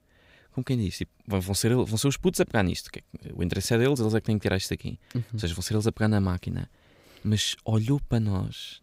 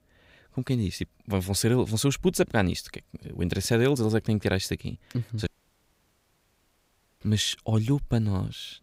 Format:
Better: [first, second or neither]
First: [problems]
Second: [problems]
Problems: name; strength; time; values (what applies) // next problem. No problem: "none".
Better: first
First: none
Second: audio cutting out; at 5.5 s for 1.5 s